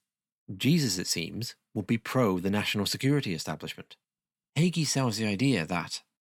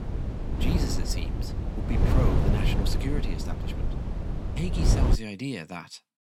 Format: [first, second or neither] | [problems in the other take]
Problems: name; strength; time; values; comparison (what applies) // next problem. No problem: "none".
first | wind noise on the microphone; heavy; until 5 s; as loud as the speech